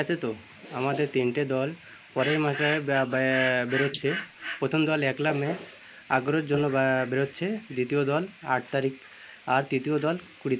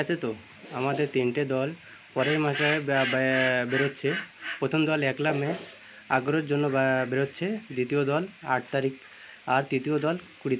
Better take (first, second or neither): second